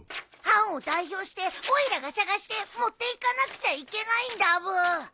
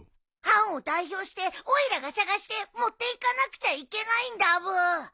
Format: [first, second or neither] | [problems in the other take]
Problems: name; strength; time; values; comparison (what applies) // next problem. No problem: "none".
second | background sound (Scissors); 17 dB below the speech